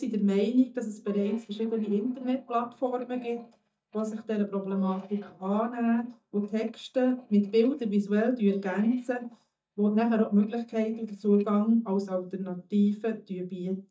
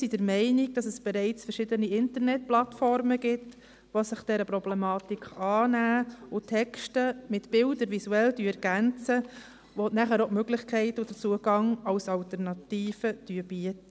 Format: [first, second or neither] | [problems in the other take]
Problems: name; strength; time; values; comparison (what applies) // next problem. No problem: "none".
second | noise reduction (neural mask model DeepFilterNet 3)